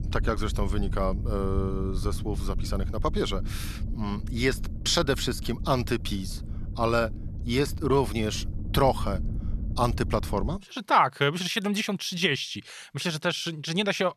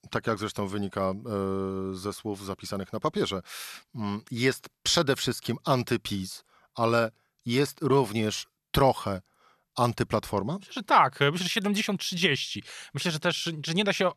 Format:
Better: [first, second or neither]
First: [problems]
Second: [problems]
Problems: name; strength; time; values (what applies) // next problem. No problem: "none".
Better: second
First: low rumble; noticeable; until 11 s; 20 dB below the speech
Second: none